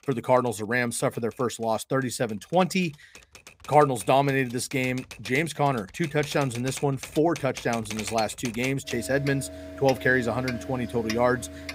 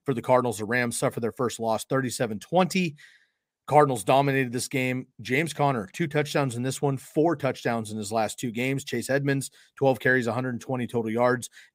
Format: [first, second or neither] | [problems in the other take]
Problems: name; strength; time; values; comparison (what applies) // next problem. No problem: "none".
second | household noises; noticeable; throughout; 15 dB below the speech